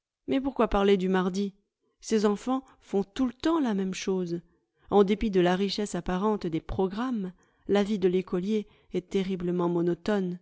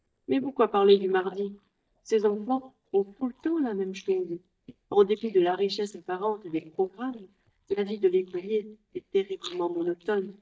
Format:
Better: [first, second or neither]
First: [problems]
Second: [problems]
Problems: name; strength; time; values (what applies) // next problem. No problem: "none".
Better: first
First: none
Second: noise reduction (neural mask model DeepFilterNet 3)